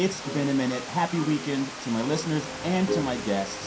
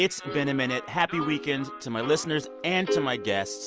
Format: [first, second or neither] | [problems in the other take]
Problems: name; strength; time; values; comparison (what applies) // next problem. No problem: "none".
second | background sound (Water); 11 dB below the speech // room echo; dies away in 0.3 s